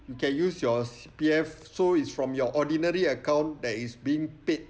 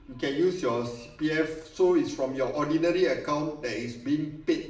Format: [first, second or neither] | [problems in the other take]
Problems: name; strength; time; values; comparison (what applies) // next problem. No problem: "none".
first | room echo; dies away in 0.7 s